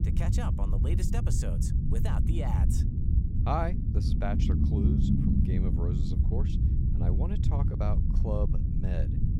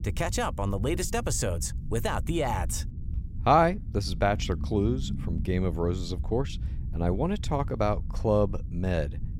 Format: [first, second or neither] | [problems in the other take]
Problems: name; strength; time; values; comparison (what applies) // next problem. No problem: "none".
second | low rumble; loud; throughout; 1 dB below the speech; faint in the second